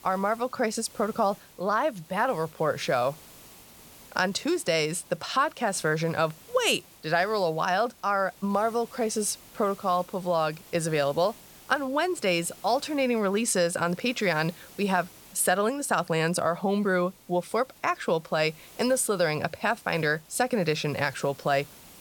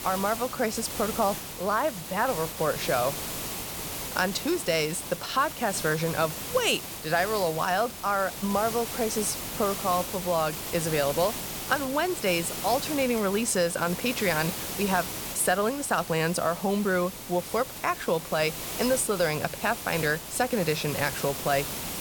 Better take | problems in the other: first | hiss; loud; throughout; 6 dB below the speech; faint in the first

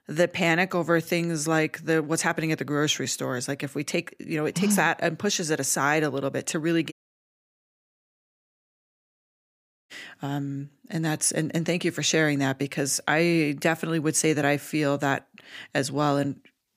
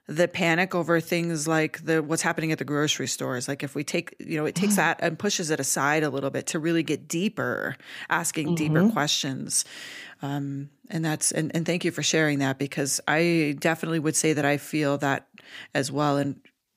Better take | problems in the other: second | audio cutting out; at 7 s for 3 s

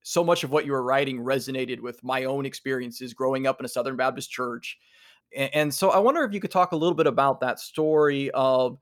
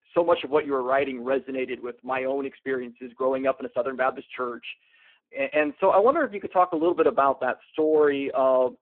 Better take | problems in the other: first | phone-call audio; poor line

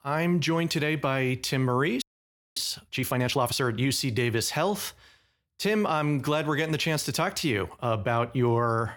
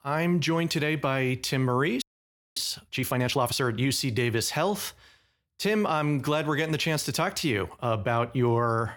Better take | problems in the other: neither | audio freezing; at 2 s for 0.5 s; the same in both

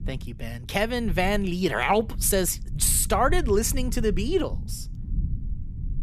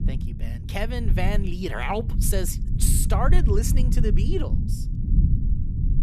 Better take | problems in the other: first | low rumble; loud; throughout; 9 dB below the speech; faint in the first

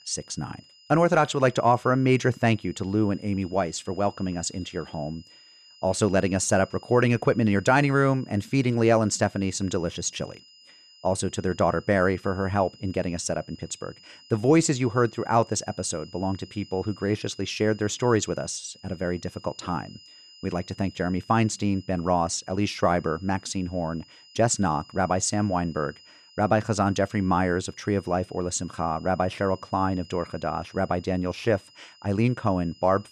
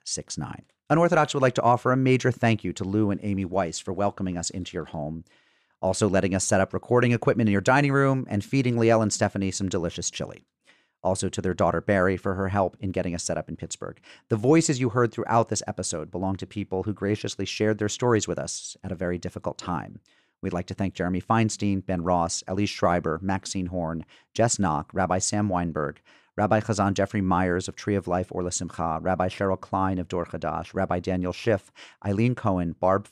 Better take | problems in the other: second | high-pitched whine; faint; throughout; 5 kHz, 25 dB below the speech

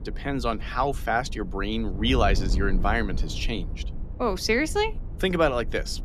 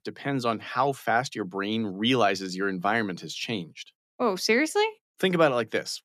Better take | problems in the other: second | wind noise on the microphone; occasional gusts; 20 dB below the speech

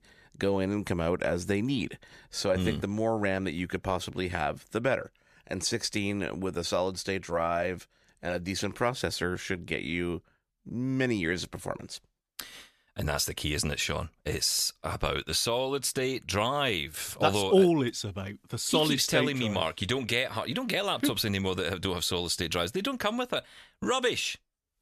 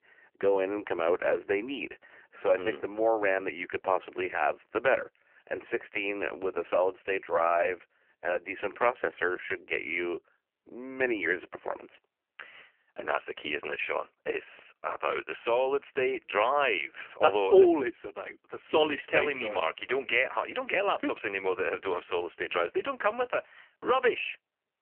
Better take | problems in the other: first | phone-call audio; poor line; nothing above 3 kHz

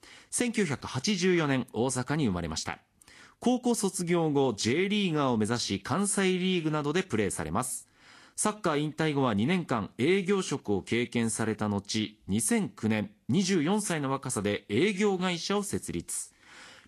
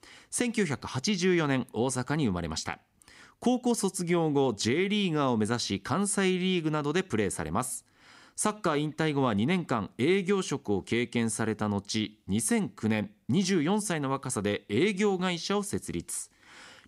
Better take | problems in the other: second | garbled, watery; slightly; nothing above 10.5 kHz

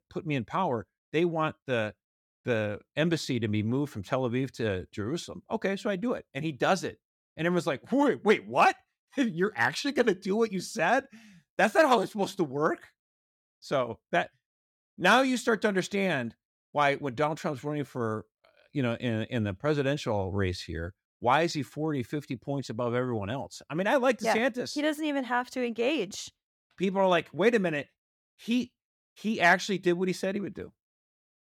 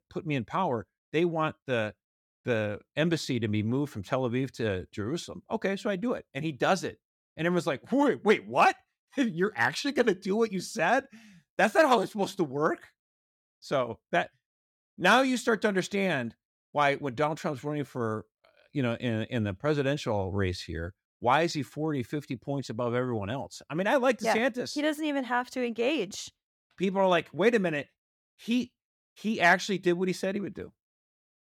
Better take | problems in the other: neither | none

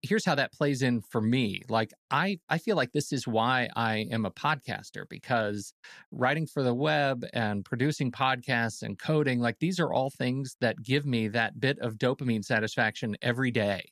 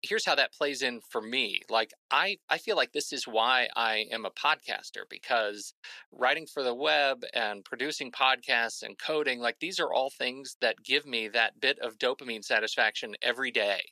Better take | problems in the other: first | thin; very; fading below 400 Hz

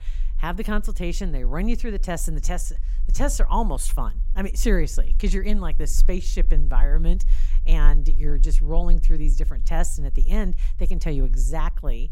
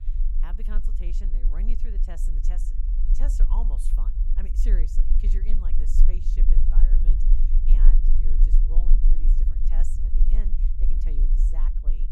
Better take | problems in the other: first | low rumble; loud; throughout; 2 dB below the speech; faint in the first

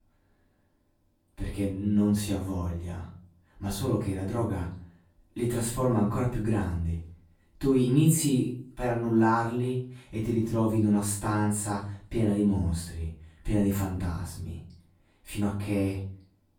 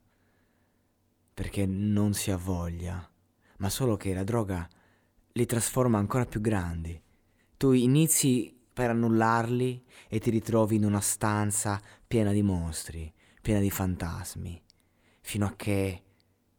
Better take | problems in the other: second | off-mic speech; far // room echo; noticeable; dies away in 0.4 s

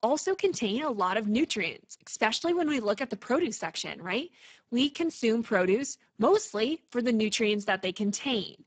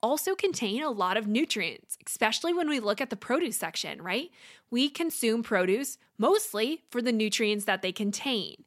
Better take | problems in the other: second | garbled, watery; badly; nothing above 7.5 kHz

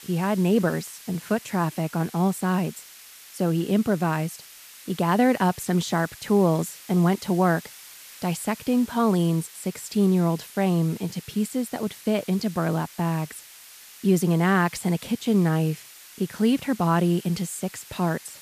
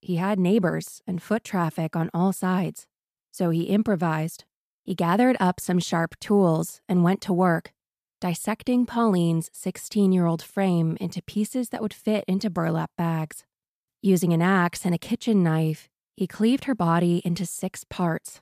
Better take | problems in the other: second | hiss; noticeable; throughout; 20 dB below the speech

